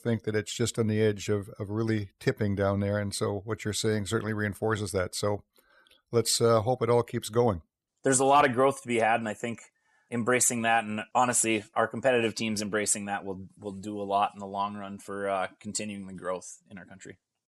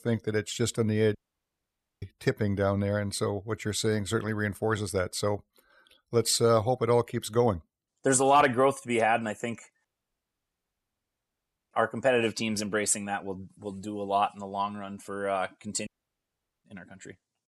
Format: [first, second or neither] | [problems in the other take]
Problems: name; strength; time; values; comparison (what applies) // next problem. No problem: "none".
first | audio cutting out; at 1 s for 1 s, at 10 s for 2 s and at 16 s for 1 s